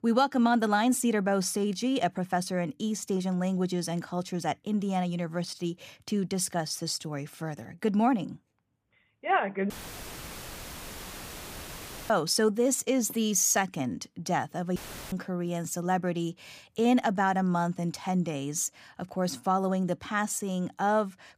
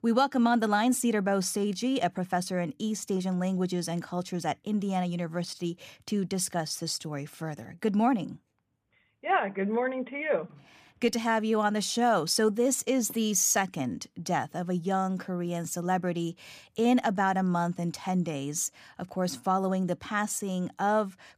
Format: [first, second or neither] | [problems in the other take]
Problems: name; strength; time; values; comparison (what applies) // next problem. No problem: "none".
second | audio cutting out; filled with static; at 9.5 s for 2.5 s and at 15 s